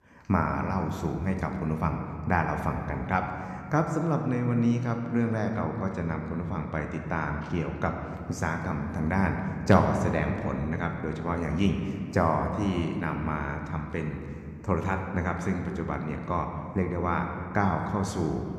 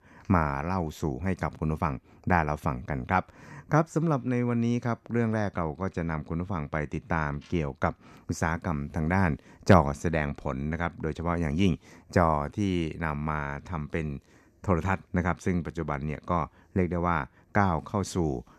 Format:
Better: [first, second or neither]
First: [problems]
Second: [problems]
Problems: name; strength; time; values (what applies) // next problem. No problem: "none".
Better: second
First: room echo; slight; dies away in 2.1 s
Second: none